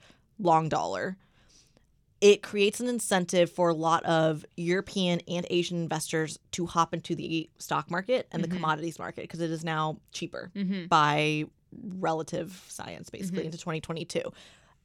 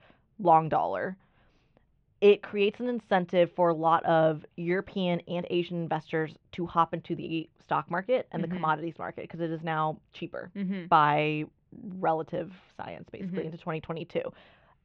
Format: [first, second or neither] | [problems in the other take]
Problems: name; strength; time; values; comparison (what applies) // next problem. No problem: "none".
first | muffled; very; fading above 3 kHz